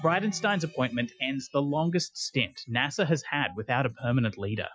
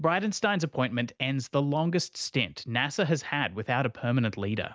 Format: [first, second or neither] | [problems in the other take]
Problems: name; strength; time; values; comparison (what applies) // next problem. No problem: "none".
second | noise reduction (classical method Wiener filter)